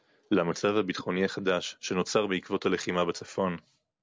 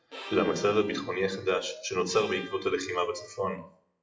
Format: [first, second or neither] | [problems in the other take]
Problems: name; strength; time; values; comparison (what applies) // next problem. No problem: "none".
first | noise reduction (classical method WPE with log-MMSE)